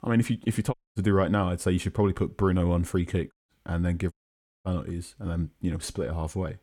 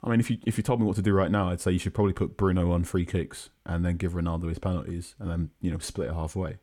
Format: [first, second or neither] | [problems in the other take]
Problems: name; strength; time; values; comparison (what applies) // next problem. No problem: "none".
second | audio cutting out; at 0.5 s, at 3.5 s and at 4 s for 0.5 s